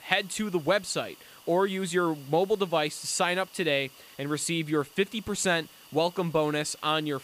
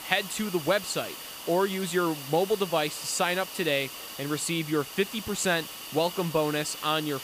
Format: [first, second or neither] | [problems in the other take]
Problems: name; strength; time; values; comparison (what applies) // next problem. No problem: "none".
first | hiss; loud; throughout; 10 dB below the speech; faint in the first